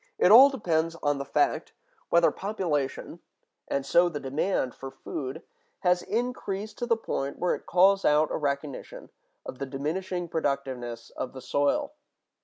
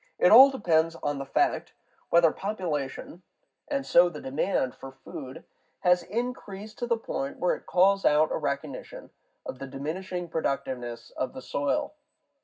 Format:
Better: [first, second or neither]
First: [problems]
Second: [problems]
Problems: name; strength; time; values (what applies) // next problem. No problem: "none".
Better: first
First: none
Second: room echo; dies away in 0.4 s